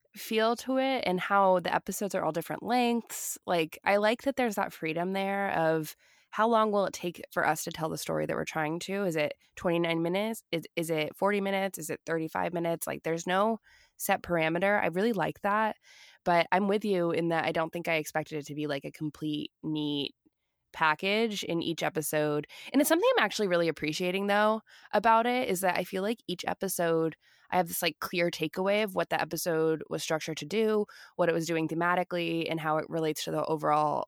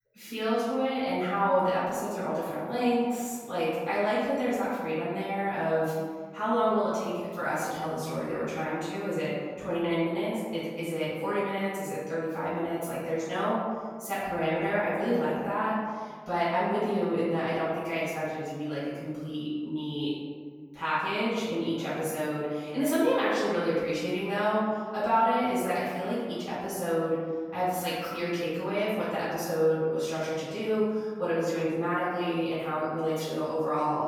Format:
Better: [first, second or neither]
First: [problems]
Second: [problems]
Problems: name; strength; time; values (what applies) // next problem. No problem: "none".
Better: first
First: none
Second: room echo; strong; dies away in 1.6 s // off-mic speech; far